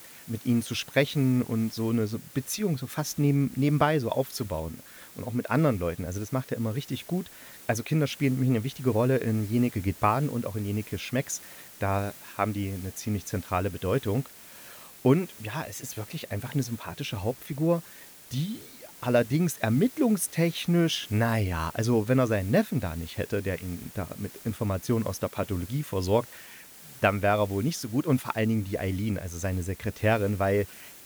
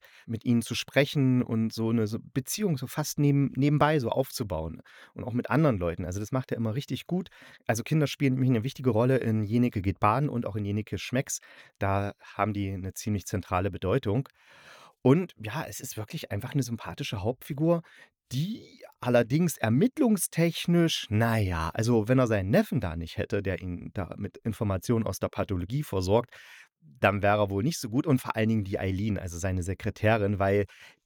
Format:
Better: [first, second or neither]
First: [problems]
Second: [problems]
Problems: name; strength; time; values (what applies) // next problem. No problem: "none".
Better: second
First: hiss; noticeable; throughout; 15 dB below the speech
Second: none